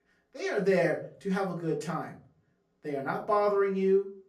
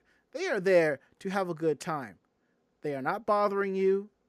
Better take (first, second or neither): second